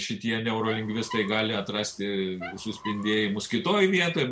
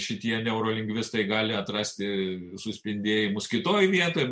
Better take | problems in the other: second | background sound (Squeak); 14 dB below the speech

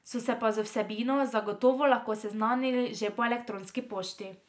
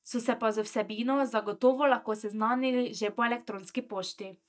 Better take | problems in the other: first | noise reduction (neural mask model DeepFilterNet 3)

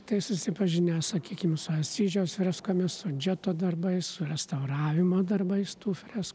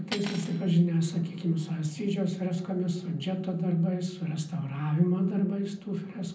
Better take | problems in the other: first | background sound (Cutlery, silverware); 16 dB below the speech // room echo; dies away in 0.6 s

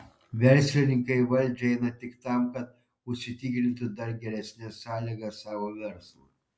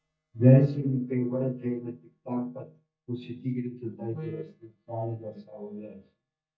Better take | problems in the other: first | noise reduction (neural mask model DeepFilterNet 3)

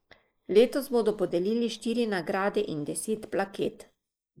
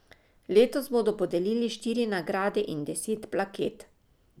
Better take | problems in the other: second | noise reduction (neural mask model Resemble Enhance denoiser)

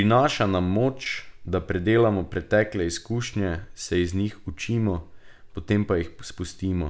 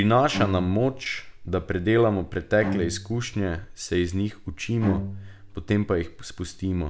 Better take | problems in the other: first | background sound (Bowed string instrument); 10 dB below the speech

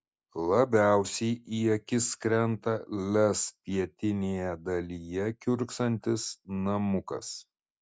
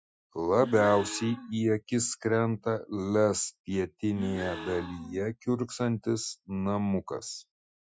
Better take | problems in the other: first | noise reduction (classical method Wiener filter)

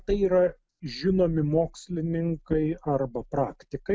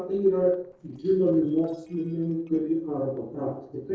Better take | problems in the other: first | noise reduction (neural separator model SepFormer DNS4)

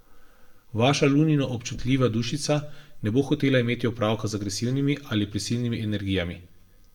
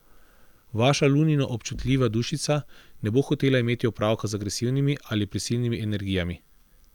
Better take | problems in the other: second | room echo; dies away in 0.5 s

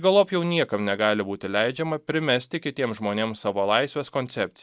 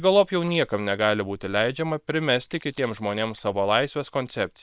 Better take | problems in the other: first | noise reduction (neural separator model SepFormer WHAM!)

